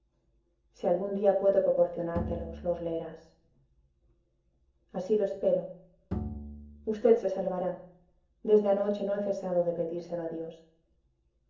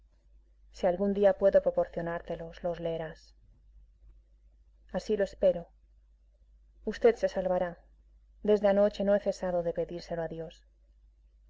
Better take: second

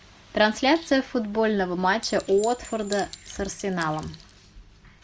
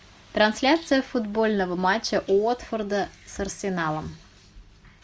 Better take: second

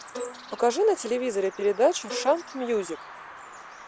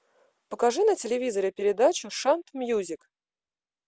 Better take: second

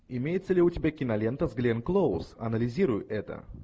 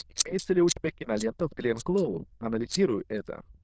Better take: first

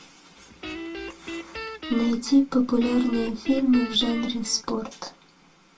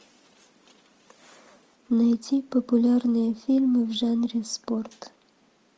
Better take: second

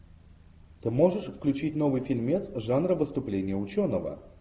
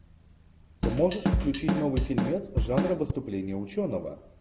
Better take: first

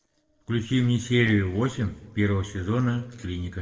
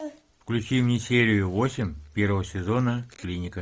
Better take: second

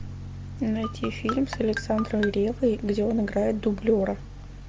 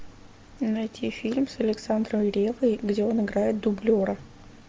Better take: second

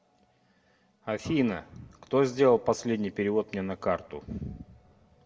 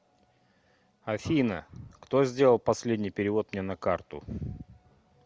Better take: second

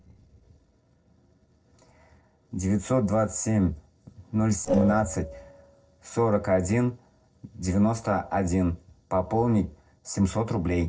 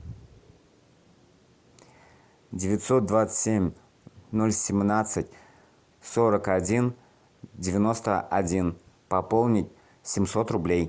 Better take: second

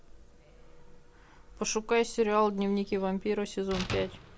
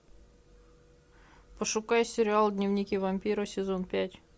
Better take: second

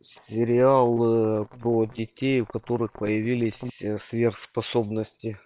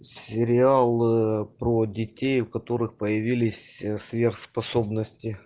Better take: second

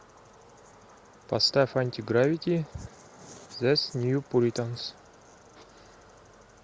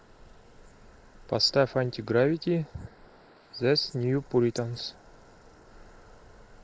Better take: first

